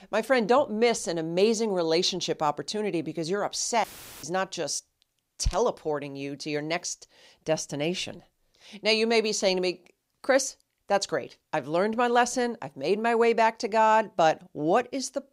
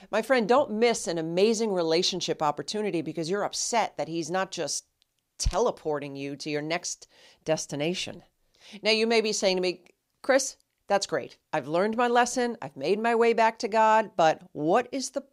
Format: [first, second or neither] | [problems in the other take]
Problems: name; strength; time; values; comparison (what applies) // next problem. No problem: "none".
second | audio cutting out; filled with static; at 4 s